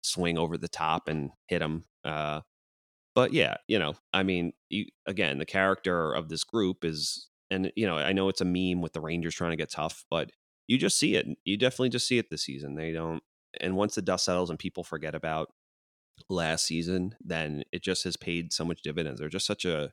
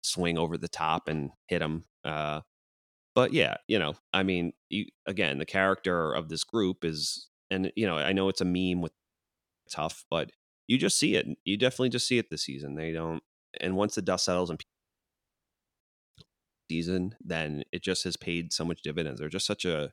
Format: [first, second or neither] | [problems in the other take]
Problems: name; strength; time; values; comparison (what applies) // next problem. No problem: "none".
first | audio cutting out; at 9 s for 0.5 s, at 15 s for 1 s and at 16 s